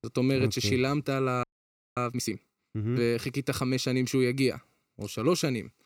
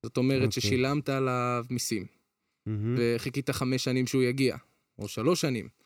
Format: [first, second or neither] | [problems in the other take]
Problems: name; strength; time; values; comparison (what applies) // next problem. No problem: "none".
second | audio freezing; at 1.5 s for 0.5 s